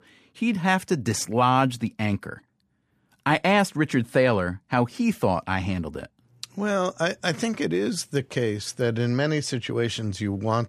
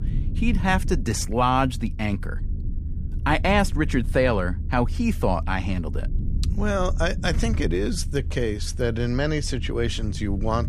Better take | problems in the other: first | low rumble; noticeable; throughout; 20 dB below the speech

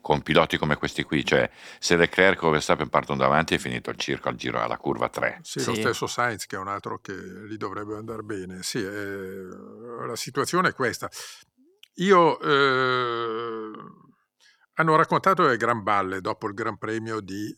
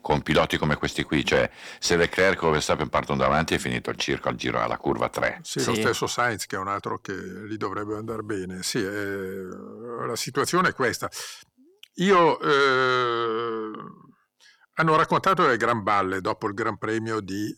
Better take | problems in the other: first | distortion; slight; 10 dB below the speech

